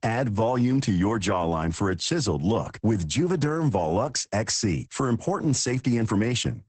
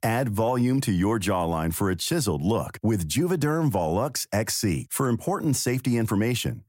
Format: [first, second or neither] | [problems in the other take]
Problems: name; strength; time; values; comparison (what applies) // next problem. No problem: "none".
second | garbled, watery; badly; nothing above 8 kHz